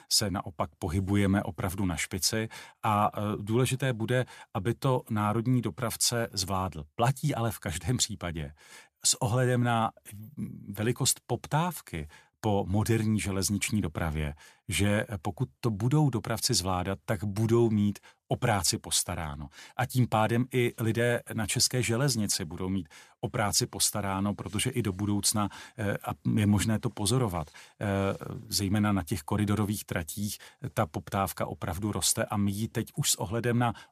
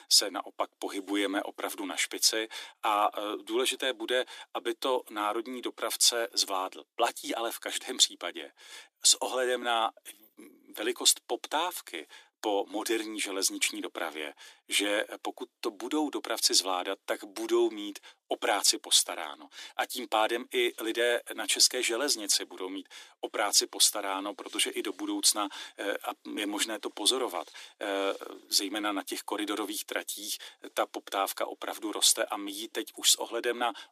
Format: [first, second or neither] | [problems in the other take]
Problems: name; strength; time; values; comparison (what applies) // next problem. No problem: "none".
first | thin; very; fading below 300 Hz